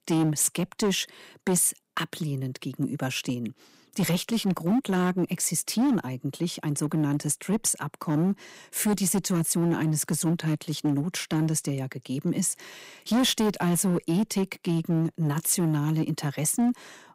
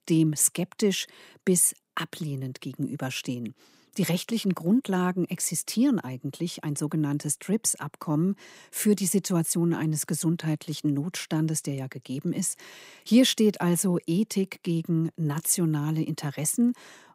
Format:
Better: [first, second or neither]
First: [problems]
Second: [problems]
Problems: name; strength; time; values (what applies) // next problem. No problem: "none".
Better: second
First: distortion; slight; 9% of the sound clipped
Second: none